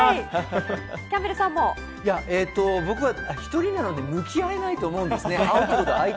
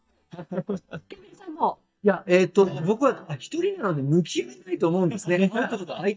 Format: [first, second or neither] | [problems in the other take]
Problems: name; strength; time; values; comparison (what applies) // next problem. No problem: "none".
first | noise reduction (neural mask model DeepFilterNet 3)